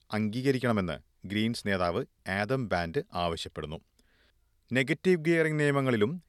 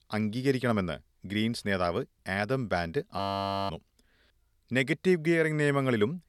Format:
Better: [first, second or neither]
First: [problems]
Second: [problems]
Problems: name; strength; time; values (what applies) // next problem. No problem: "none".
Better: first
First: none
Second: audio freezing; at 3 s for 0.5 s